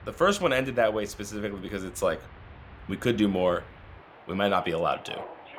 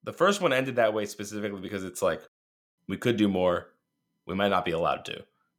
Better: second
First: train or aircraft noise; noticeable; throughout; 20 dB below the speech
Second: none

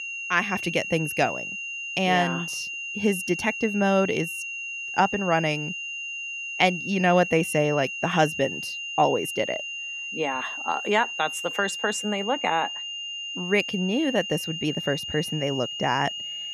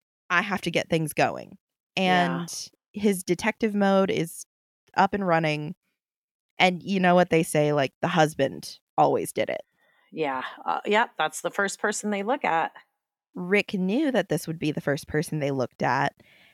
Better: second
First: high-pitched whine; loud; throughout; 3 kHz, 5 dB below the speech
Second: none

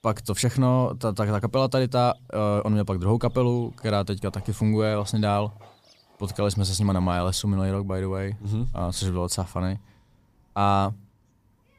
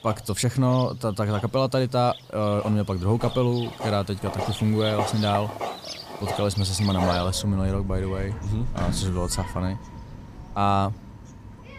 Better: first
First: animal sounds; faint; throughout; 30 dB below the speech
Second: animal sounds; loud; throughout; 9 dB below the speech

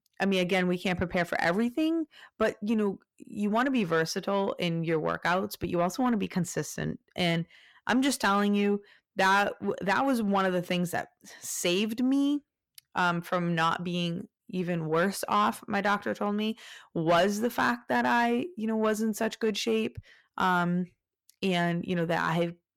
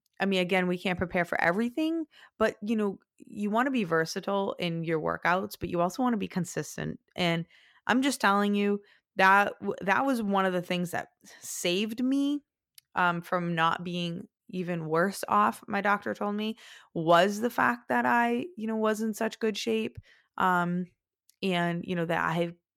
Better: second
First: distortion; slight; 10 dB below the speech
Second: none

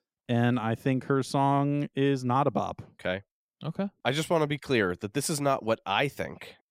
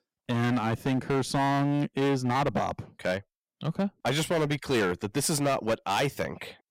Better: first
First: none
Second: distortion; heavy; 13% of the sound clipped

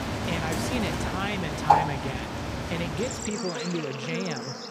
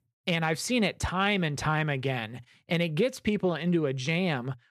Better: second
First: animal sounds; very loud; throughout; 4 dB above the speech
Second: none

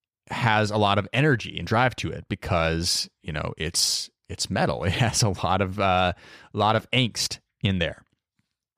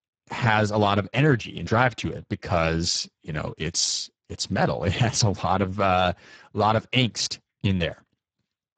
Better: first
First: none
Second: garbled, watery; badly; nothing above 7.5 kHz

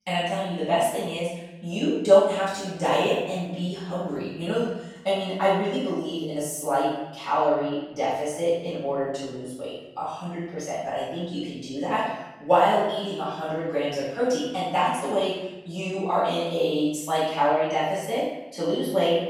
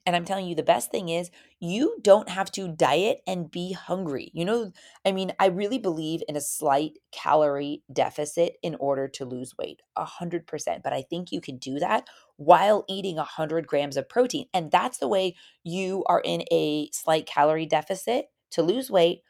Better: second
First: off-mic speech; far // room echo; strong; dies away in 0.9 s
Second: none

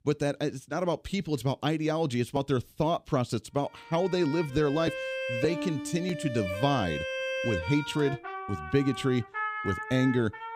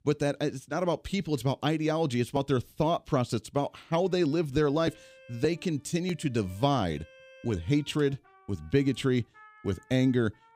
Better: second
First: background music; loud; from 4.5 s on; 6 dB below the speech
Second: background music; faint; from 4.5 s on; 25 dB below the speech

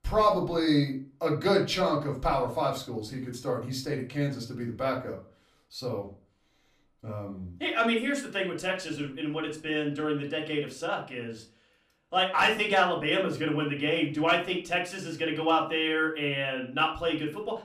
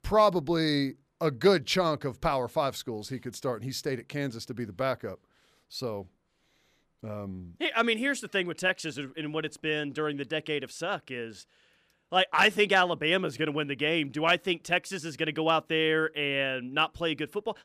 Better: second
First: room echo; slight; dies away in 0.3 s // off-mic speech; far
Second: none

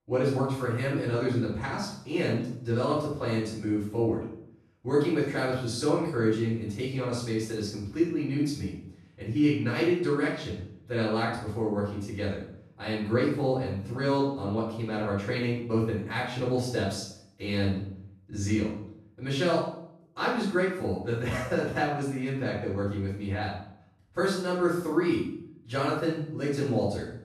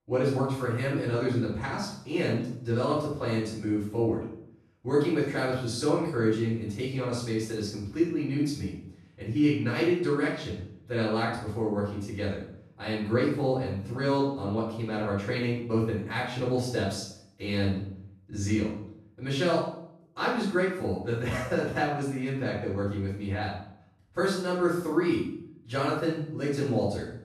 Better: neither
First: off-mic speech; far // room echo; noticeable; dies away in 0.6 s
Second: off-mic speech; far // room echo; noticeable; dies away in 0.6 s

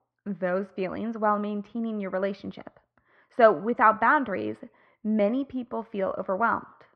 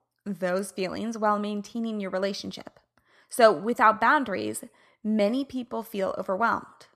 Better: second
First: muffled; very; fading above 2.5 kHz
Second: none

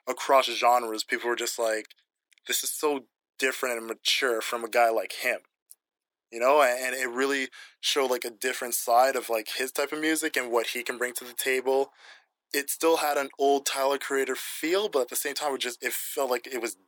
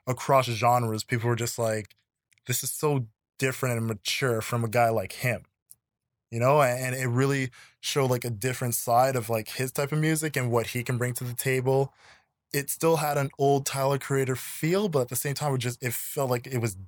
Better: second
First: thin; somewhat; fading below 300 Hz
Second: none

